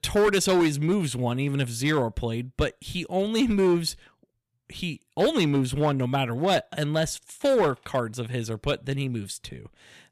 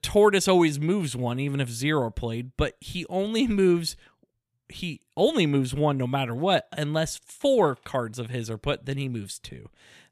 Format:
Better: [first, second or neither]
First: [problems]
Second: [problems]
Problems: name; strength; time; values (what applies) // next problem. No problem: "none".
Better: second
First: distortion; slight; 5% of the sound clipped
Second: none